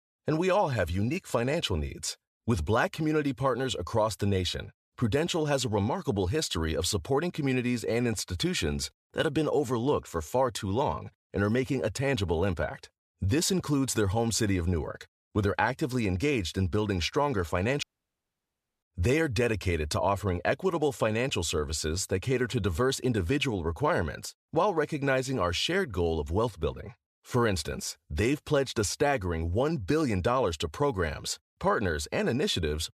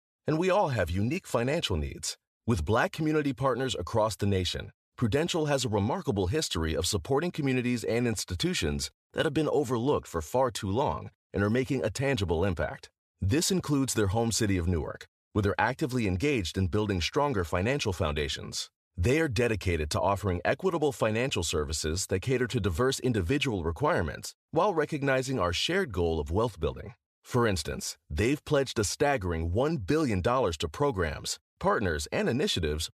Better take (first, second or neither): second